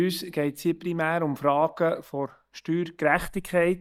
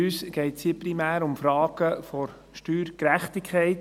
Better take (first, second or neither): second